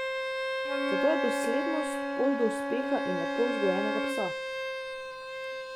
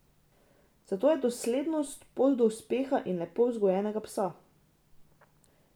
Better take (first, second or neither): second